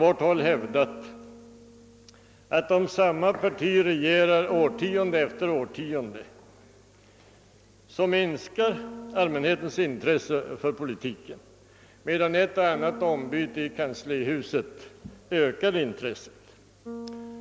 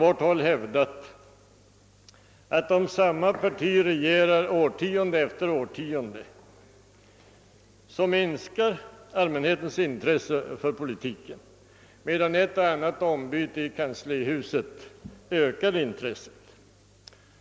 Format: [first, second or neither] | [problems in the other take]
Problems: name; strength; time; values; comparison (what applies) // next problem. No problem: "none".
second | background sound (Bass guitar); 18 dB below the speech